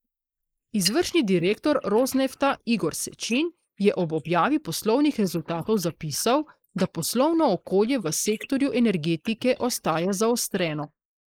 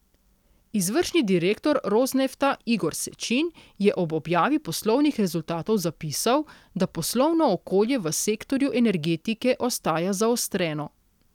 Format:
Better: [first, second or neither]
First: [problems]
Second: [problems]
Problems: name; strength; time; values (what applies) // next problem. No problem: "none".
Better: second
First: noise reduction (neural mask model Resemble Enhance denoiser)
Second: none